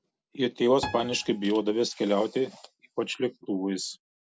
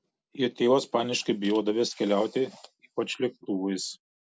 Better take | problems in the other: second | background sound (Piano); 16 dB below the speech

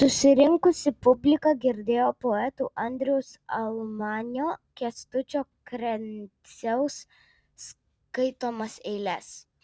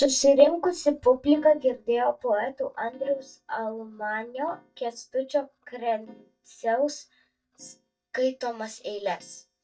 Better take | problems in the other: first | noise reduction (neural mask model DeepFilterNet 3)

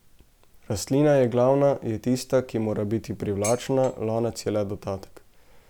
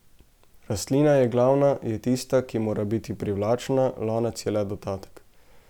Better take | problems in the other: second | background sound (Dishes, pots, and pans); 15 dB below the speech

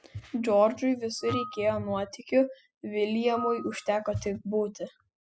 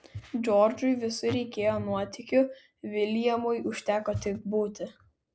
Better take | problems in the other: second | noise reduction (classical method spectral subtraction)

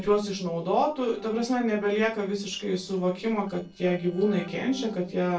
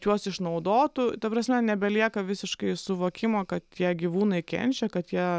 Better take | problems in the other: second | noise reduction (neural separator model SepFormer DNS4)

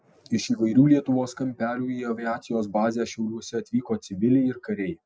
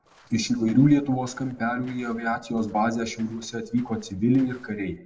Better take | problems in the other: first | noise reduction (neural separator model SepFormer DNS4)

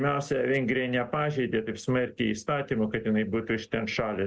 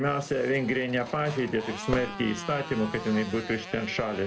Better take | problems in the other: first | background sound (Motorcycle + Fireworks); 11 dB below the speech

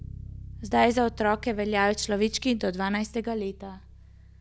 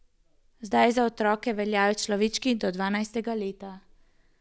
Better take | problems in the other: second | background sound (Bass guitar); 16 dB below the speech

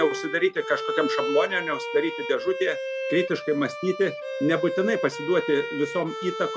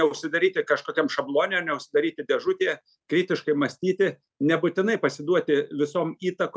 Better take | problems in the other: second | background sound (Bowed string instrument); 5 dB below the speech

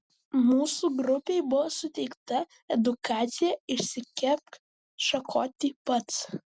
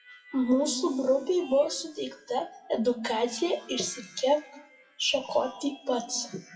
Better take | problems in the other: first | noise reduction (classical method WPE with log-MMSE)

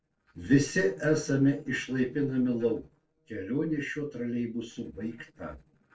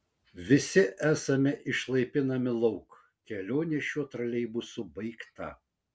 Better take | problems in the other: second | noise reduction (neural separator model SepFormer DNS4)

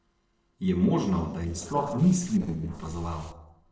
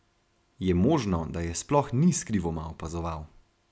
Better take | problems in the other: second | noise reduction (neural separator model SepFormer DNS4)

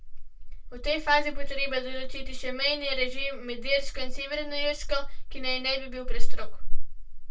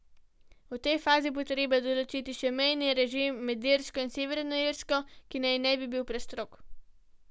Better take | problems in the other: second | room echo; dies away in 0.2 s

